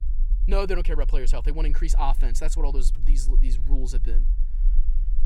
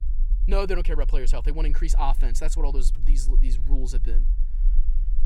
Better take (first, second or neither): neither